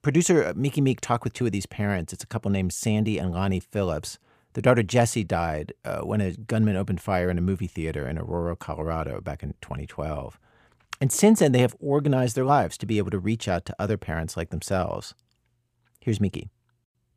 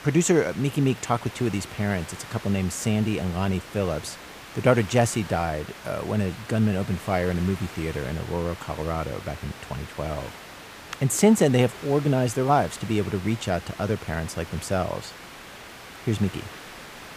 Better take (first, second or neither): first